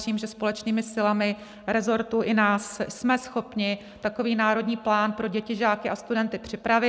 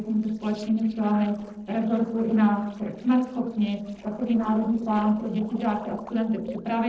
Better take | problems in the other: first | noise reduction (neural separator model SepFormer DNS4)

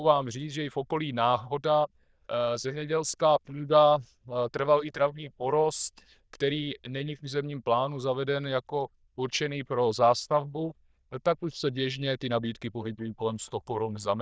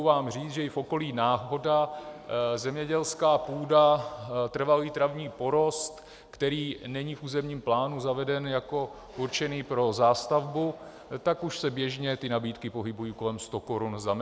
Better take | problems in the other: second | noise reduction (neural diffusion model UNIVERSE++)

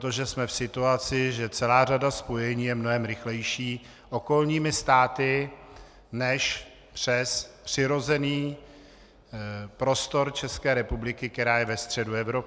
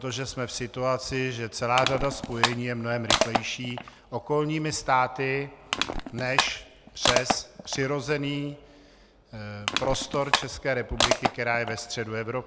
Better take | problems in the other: first | background sound (Crushing); 2 dB below the speech

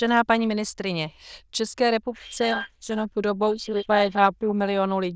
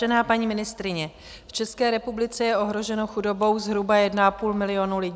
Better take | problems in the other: second | noise reduction (neural diffusion model UNIVERSE++)

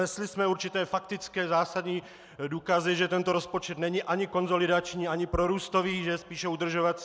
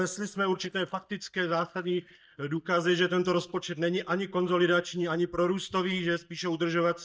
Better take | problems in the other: first | noise reduction (neural mask model DeepFilterNet 3)

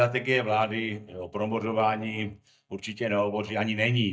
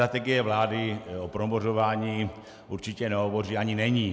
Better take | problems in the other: second | noise reduction (neural mask model DeepFilterNet 3)

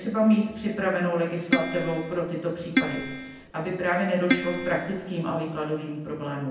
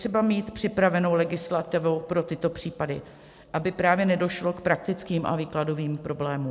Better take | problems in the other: second | background sound (Keyboard (musical)); 1 dB below the speech // room echo; dies away in 0.9 s

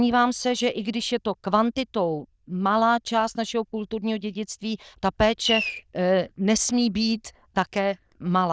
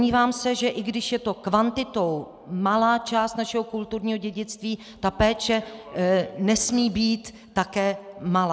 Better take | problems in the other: second | noise reduction (neural diffusion model UNIVERSE++)

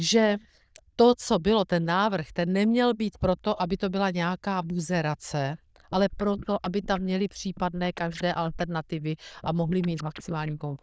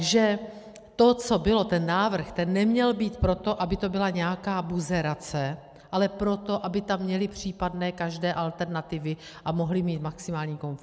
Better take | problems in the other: second | noise reduction (neural diffusion model UNIVERSE++)

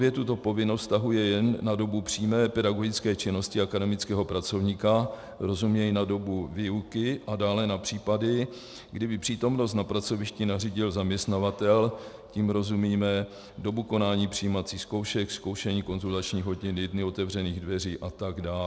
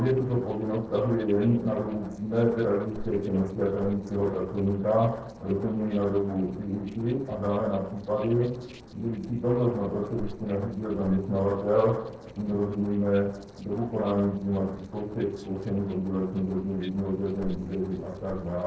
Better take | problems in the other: first | noise reduction (neural separator model SepFormer DNS4)

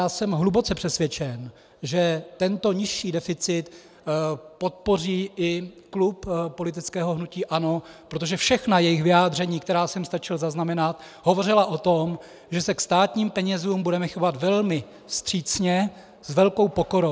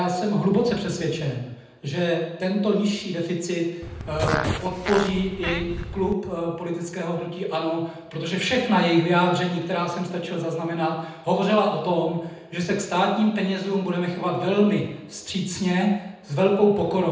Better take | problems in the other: first | background sound (Fart); 5 dB below the speech // room echo; dies away in 0.9 s

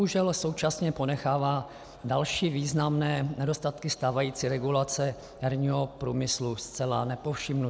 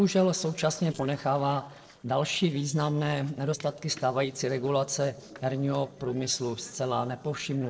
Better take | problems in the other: first | noise reduction (neural separator model SepFormer DNS4)

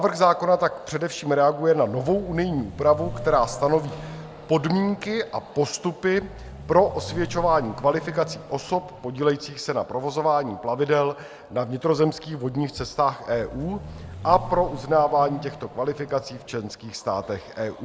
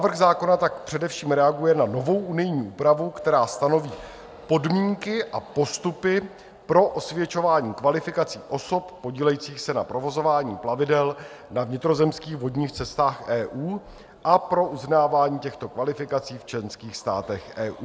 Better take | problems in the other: second | background sound (Vehicle); 14 dB below the speech

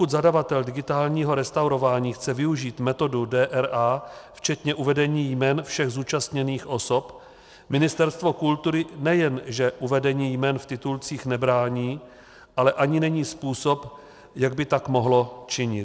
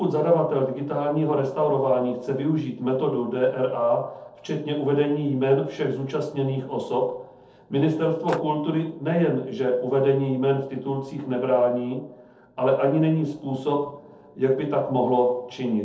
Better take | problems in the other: first | noise reduction (neural separator model SepFormer DNS4)

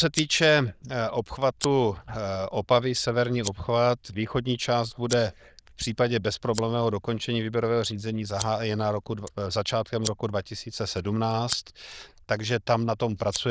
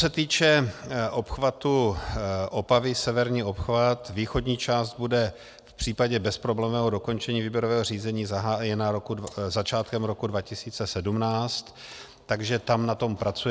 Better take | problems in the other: second | noise reduction (neural diffusion model UNIVERSE++)

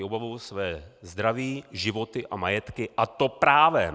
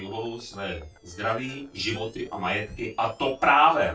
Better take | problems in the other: first | noise reduction (neural separator model SepFormer DNS4)

